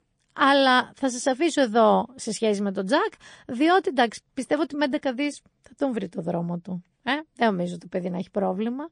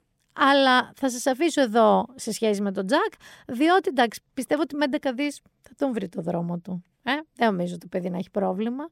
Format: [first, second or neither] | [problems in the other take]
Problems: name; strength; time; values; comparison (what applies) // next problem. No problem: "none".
second | garbled, watery; slightly; nothing above 9 kHz